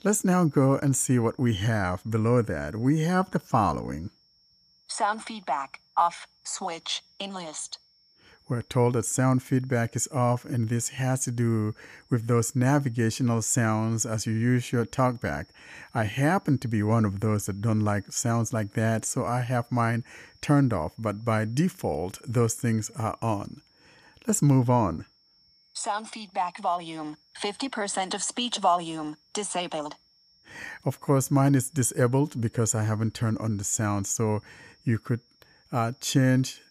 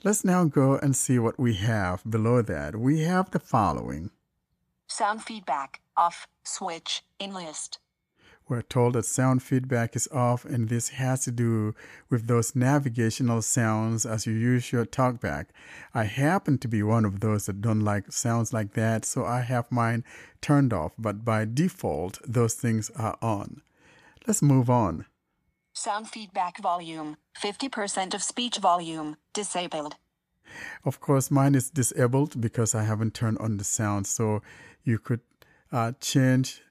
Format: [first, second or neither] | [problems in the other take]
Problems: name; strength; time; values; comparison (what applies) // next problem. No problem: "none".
second | high-pitched whine; faint; throughout; 5.5 kHz, 35 dB below the speech